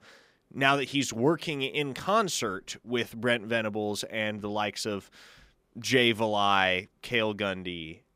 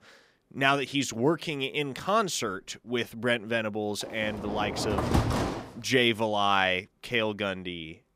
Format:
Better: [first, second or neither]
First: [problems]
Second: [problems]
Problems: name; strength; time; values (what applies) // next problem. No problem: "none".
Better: first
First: none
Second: door banging; loud; from 4 to 5.5 s; peak 2 dB above the speech